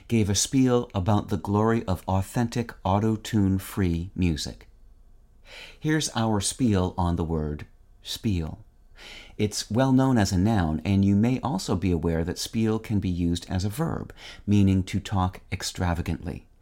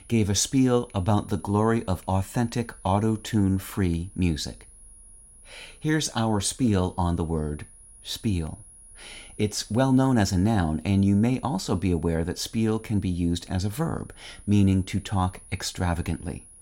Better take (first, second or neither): first